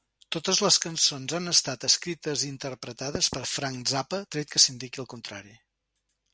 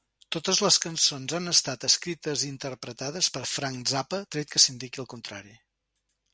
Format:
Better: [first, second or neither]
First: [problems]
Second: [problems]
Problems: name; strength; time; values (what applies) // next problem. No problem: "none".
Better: second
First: background sound (Knock / Wood); 12 dB below the speech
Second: none